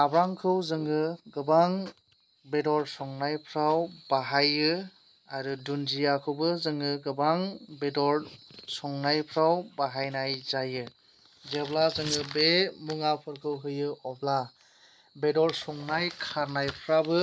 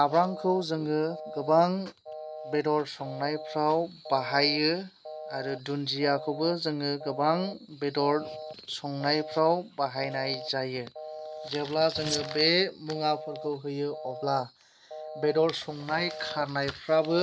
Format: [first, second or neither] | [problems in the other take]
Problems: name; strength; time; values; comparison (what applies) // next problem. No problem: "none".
first | background sound (Telephone); 13 dB below the speech